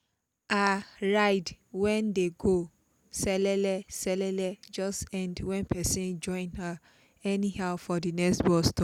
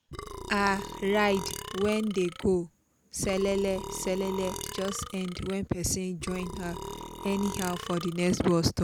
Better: first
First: none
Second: background sound (Burping, eructation); 11 dB below the speech

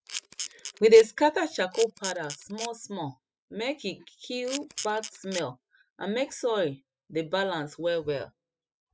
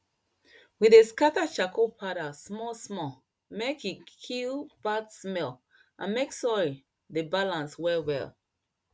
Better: second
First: noise reduction (classical method spectral subtraction)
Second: none

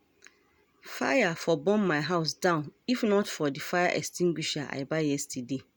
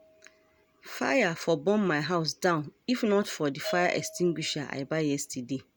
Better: first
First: none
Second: background sound (Bell / Percussion); 18 dB below the speech

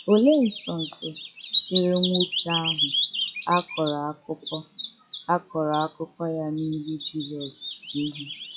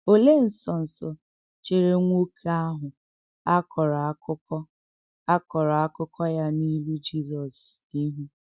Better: second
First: noise reduction (classical method WPE with log-MMSE)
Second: none

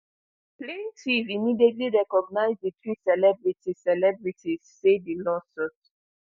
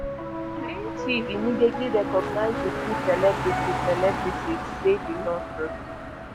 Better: first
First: none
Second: background sound (Car + Piano); 3 dB below the speech

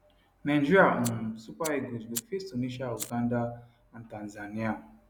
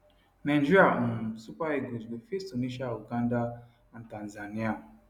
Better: second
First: background sound (Fire); 15 dB below the speech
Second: none

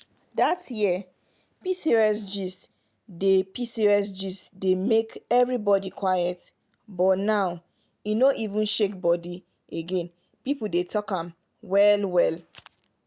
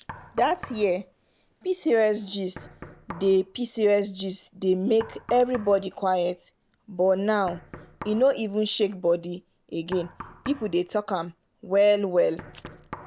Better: first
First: none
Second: background sound (Knock); 20 dB below the speech

